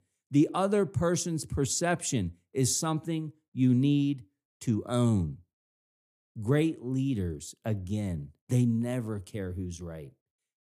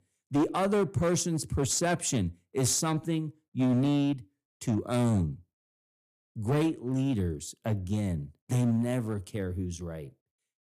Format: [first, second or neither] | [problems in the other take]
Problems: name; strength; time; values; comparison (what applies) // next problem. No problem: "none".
first | distortion; slight; 8% of the sound clipped